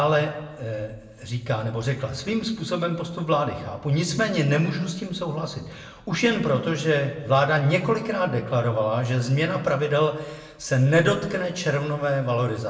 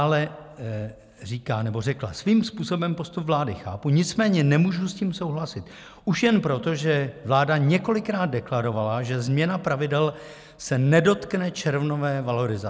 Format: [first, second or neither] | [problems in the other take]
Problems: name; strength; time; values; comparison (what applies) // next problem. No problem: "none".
second | room echo; dies away in 0.8 s